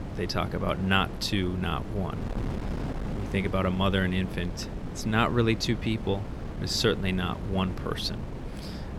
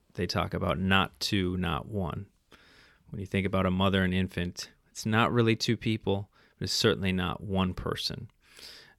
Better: second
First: wind noise on the microphone; occasional gusts; 10 dB below the speech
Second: none

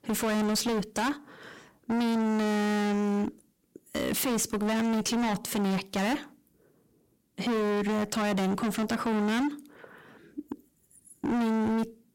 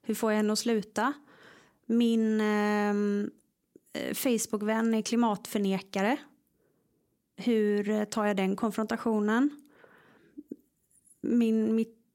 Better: second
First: distortion; heavy; 31% of the sound clipped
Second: none

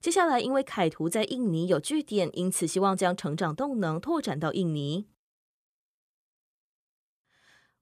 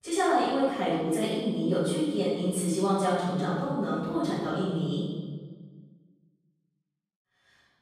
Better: first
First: none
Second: off-mic speech; far // room echo; strong; dies away in 1.3 s

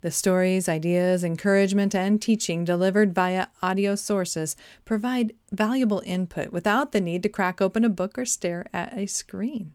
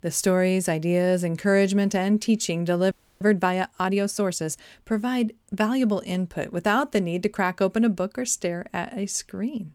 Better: first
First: none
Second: audio freezing; at 3 s

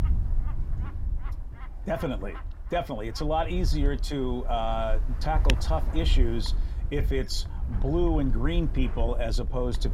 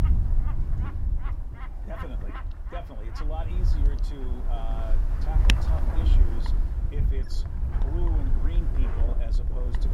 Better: first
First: wind noise on the microphone; occasional gusts; 10 dB below the speech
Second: wind noise on the microphone; heavy; 3 dB above the speech

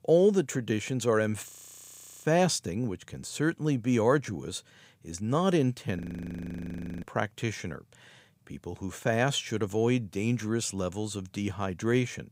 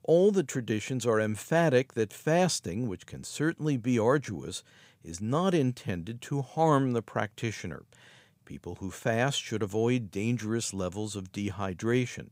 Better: second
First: audio freezing; at 1.5 s for 0.5 s and at 6 s for 1 s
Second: none

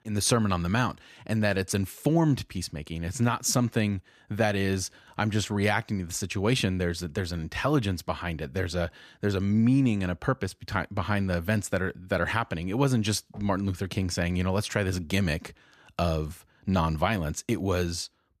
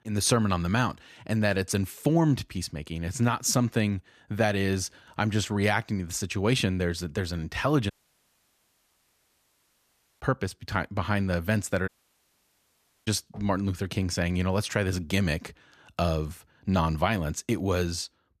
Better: first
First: none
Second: audio cutting out; at 8 s for 2.5 s and at 12 s for 1 s

